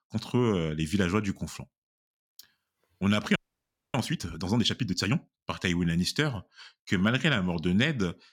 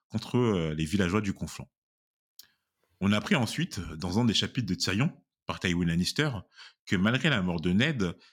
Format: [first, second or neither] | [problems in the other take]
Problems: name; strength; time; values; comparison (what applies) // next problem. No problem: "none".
second | audio freezing; at 3.5 s for 0.5 s